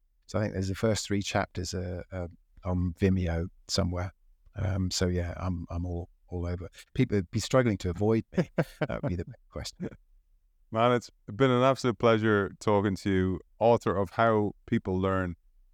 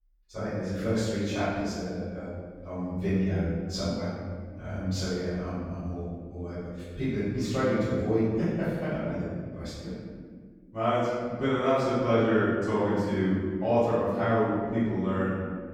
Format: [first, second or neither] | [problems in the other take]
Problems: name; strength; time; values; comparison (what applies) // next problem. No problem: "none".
first | off-mic speech; far // room echo; strong; dies away in 1.8 s